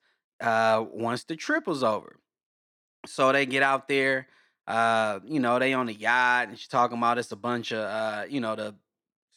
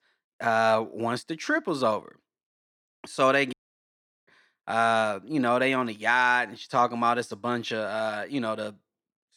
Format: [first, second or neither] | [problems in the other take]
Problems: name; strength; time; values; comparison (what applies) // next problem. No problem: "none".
first | audio cutting out; at 3.5 s for 0.5 s